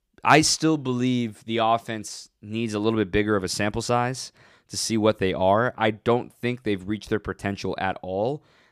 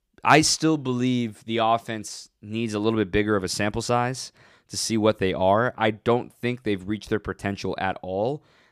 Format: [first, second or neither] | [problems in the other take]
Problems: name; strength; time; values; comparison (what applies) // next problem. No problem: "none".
neither | none